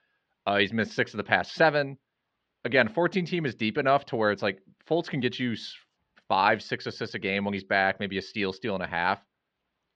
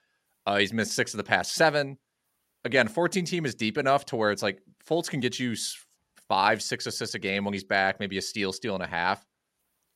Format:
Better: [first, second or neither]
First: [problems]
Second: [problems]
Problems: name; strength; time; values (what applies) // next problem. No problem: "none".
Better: second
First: muffled; slightly; fading above 4 kHz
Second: none